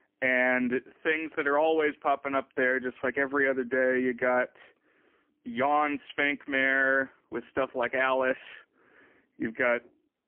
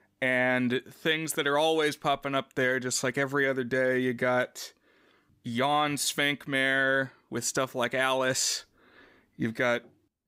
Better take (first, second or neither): second